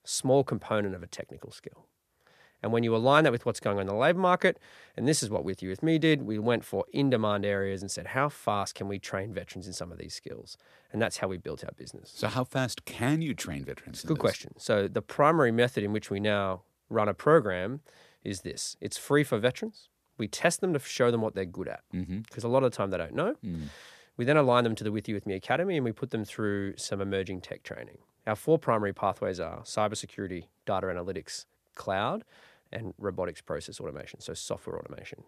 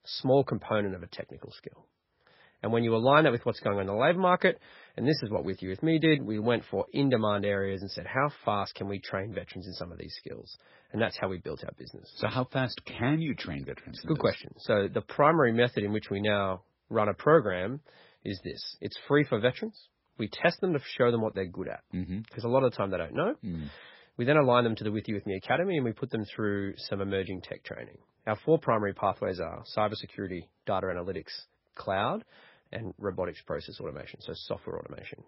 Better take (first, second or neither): first